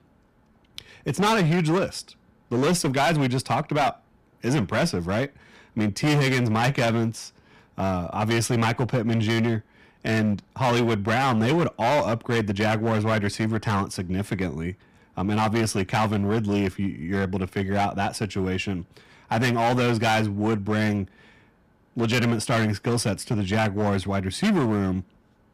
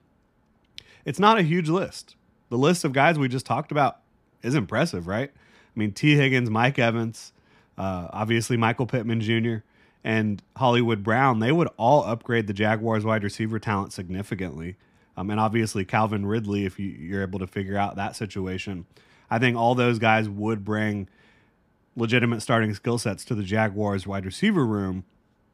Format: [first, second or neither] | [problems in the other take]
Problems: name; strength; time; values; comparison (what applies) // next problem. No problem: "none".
second | distortion; heavy; 12% of the sound clipped